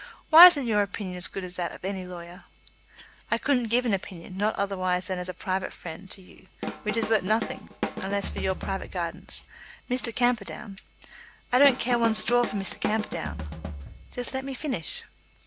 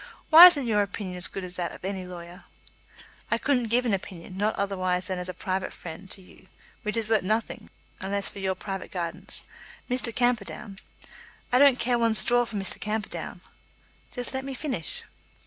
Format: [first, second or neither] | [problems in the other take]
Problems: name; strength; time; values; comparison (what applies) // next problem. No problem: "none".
second | background sound (Drum kit); 7 dB below the speech